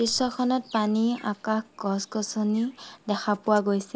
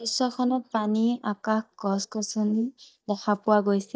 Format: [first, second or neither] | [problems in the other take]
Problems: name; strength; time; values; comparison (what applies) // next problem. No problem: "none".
first | noise reduction (neural mask model DeepFilterNet 3)